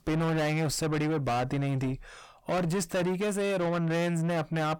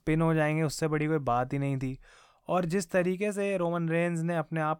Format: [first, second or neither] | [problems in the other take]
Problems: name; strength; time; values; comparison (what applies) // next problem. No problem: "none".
second | distortion; heavy; 7 dB below the speech